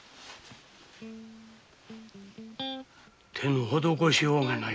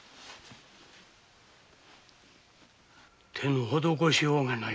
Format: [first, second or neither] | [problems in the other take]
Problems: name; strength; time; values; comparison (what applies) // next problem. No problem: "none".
second | background sound (Electric guitar); 13 dB below the speech